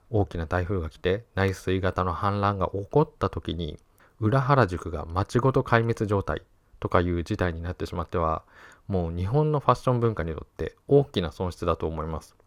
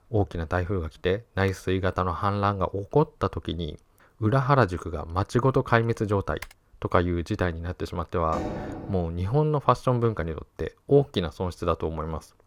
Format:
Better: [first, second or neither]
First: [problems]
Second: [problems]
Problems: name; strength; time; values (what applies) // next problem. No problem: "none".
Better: first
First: none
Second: keyboard typing; faint; at 6.5 s; peak 15 dB below the speech // door banging; noticeable; at 8.5 s; peak 6 dB below the speech